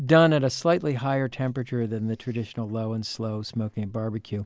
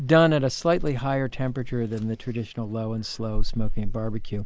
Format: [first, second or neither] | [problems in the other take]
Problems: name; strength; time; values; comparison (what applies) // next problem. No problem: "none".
first | noise reduction (neural mask model Resemble Enhance denoiser)